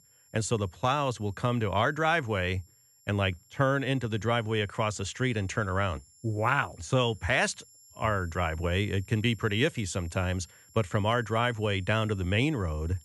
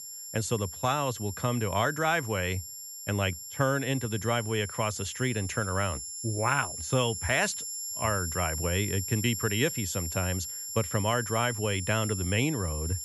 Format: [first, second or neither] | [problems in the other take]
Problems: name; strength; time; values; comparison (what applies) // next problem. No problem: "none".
first | high-pitched whine; loud; throughout; 7.5 kHz, 6 dB below the speech; faint in the first